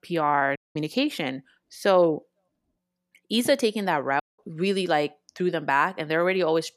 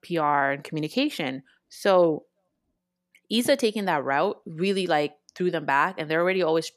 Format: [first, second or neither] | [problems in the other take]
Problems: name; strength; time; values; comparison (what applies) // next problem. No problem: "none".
second | audio cutting out; at 0.5 s and at 4 s